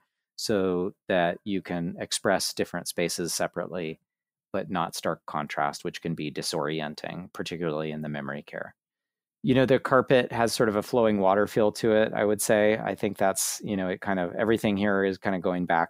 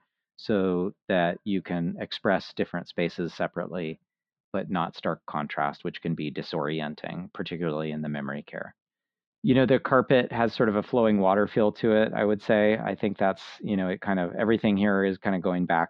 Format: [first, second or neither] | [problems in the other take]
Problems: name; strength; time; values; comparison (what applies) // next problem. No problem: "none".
first | muffled; slightly; fading above 4 kHz